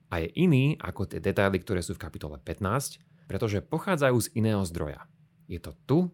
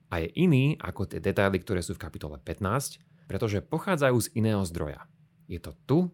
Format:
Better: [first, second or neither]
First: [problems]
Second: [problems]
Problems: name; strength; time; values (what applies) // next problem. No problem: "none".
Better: neither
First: none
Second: none